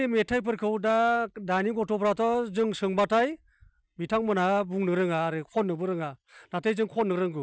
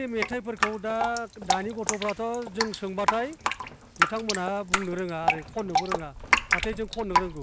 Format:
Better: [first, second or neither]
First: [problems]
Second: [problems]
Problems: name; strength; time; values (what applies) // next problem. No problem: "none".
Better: first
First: none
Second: background sound (Drip); 2 dB above the speech